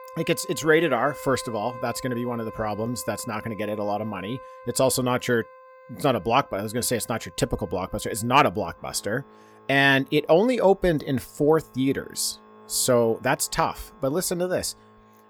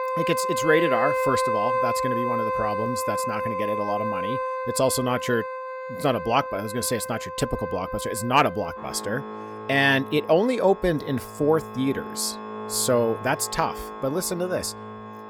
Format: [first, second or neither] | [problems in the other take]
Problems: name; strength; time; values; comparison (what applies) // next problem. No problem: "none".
first | background music; loud; throughout; 5 dB below the speech; faint in the first